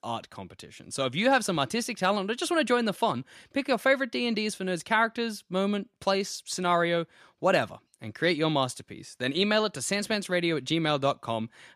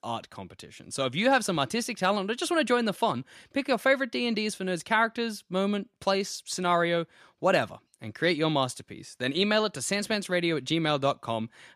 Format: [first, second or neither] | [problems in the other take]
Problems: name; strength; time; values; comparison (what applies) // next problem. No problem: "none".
neither | none